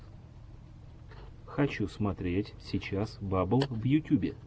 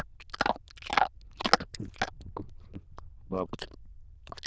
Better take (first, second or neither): first